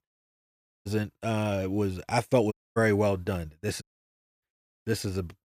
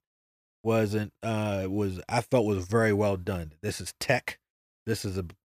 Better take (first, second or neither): second